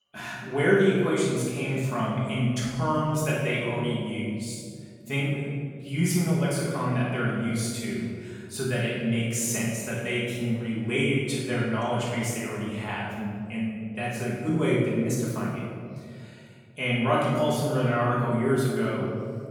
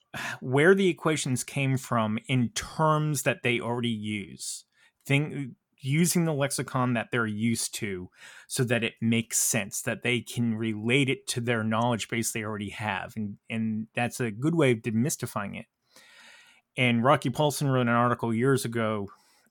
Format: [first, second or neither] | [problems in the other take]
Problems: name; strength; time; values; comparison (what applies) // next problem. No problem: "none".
second | off-mic speech; far // room echo; strong; dies away in 2.1 s